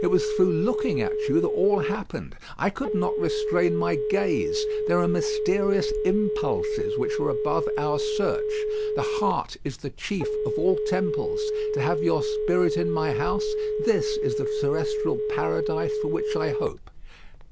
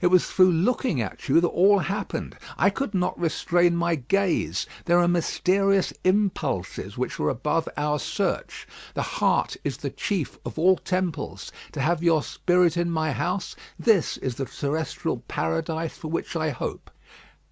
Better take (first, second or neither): second